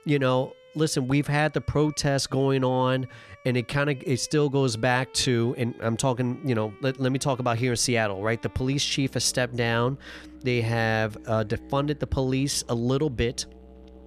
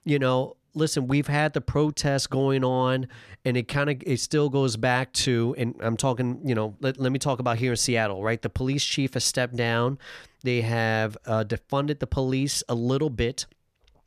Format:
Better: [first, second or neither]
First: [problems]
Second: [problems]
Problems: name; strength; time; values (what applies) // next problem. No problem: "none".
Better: second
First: background music; faint; throughout; 25 dB below the speech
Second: none